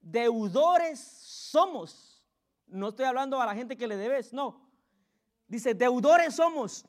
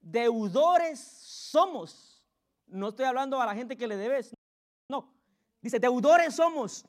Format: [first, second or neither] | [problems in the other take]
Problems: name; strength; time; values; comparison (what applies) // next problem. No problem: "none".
first | audio freezing; at 4.5 s for 0.5 s